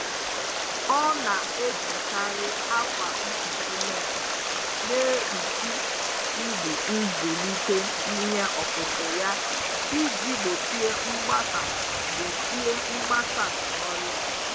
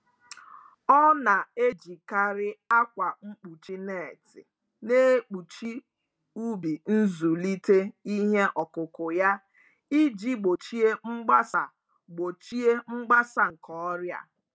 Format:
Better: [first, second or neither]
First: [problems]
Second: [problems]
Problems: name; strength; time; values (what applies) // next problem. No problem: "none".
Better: second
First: background sound (Stream); 3 dB above the speech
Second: none